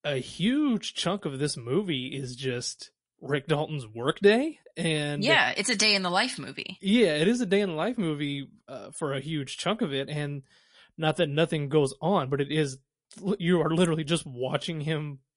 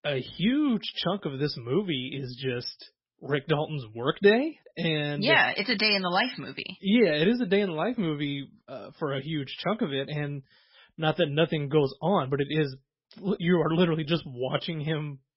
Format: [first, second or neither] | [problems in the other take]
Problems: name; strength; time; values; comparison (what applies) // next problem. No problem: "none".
first | garbled, watery; badly; nothing above 5 kHz; slightly in the first